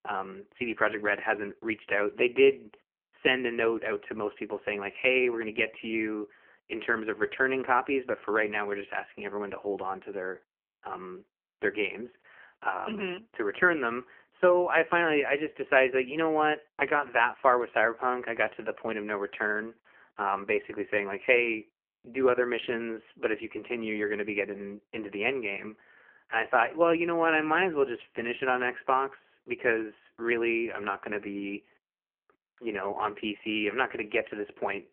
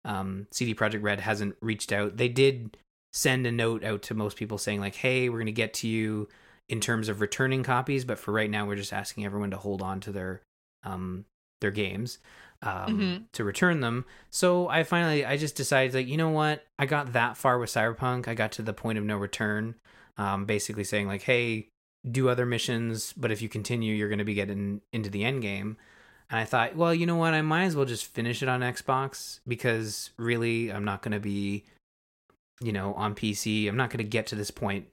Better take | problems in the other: second | phone-call audio; poor line; nothing above 3 kHz

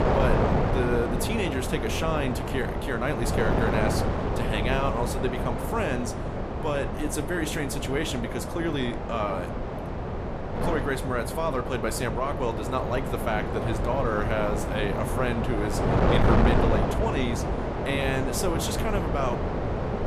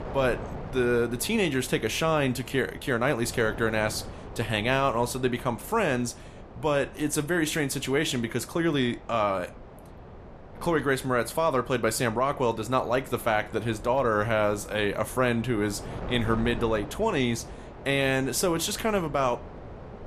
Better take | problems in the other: second | wind noise on the microphone; heavy; 1 dB below the speech; occasional gusts in the second

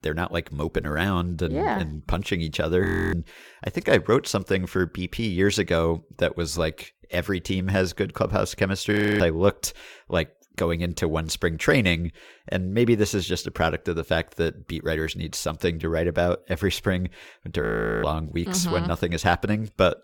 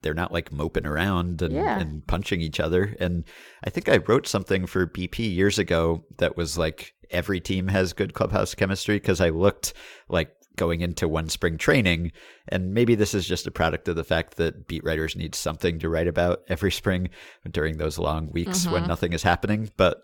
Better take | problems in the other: second | audio freezing; at 3 s, at 9 s and at 18 s

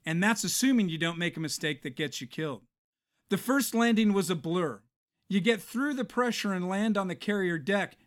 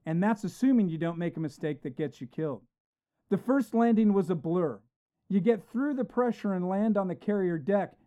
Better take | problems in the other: first | muffled; very; fading above 1.5 kHz

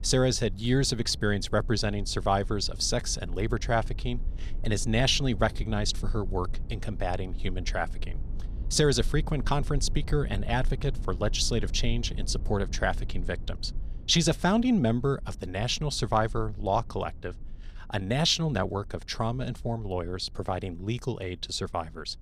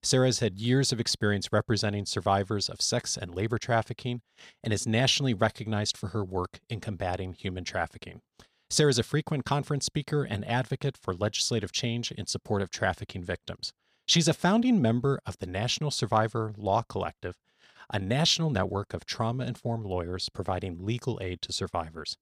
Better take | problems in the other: second | low rumble; faint; throughout; 25 dB below the speech

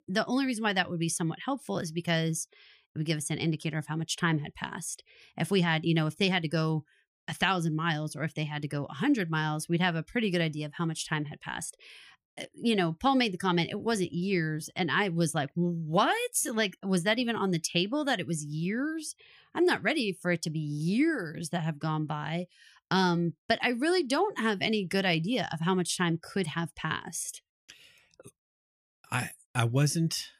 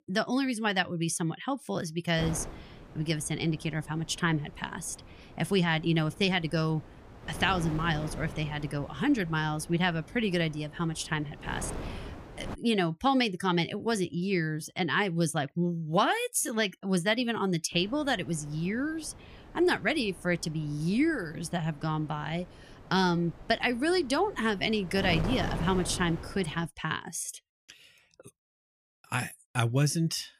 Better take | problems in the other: first | wind noise on the microphone; occasional gusts; from 2 to 13 s and from 18 to 27 s; 15 dB below the speech

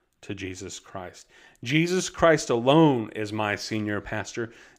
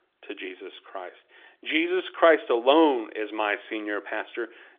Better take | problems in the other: first | phone-call audio; nothing above 3.5 kHz

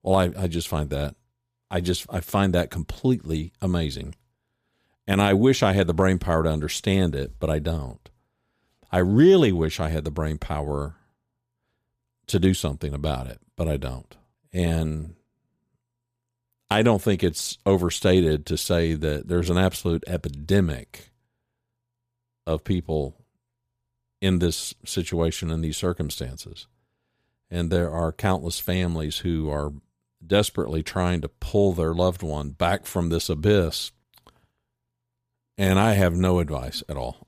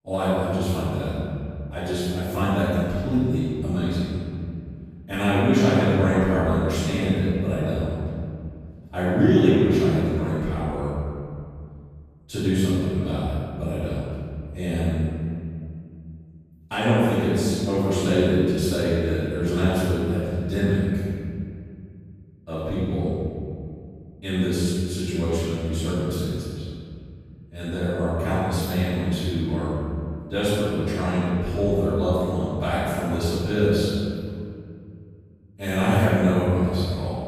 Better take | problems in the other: first | off-mic speech; far // room echo; strong; dies away in 2.3 s

